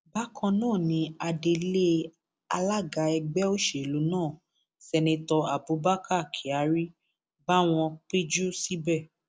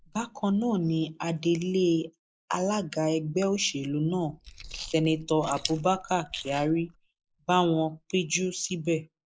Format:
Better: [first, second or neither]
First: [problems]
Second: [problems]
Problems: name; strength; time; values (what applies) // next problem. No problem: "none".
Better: first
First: none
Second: noise reduction (neural mask model Resemble Enhance denoiser)